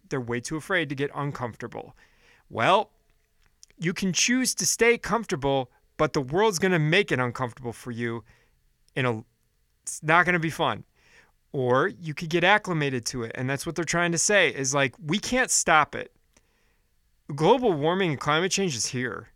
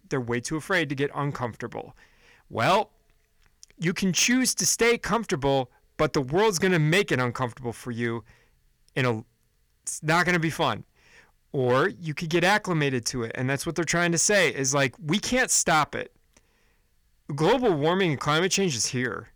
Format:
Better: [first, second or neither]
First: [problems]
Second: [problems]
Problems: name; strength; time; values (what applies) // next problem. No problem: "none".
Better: first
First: none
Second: distortion; slight; 4% of the sound clipped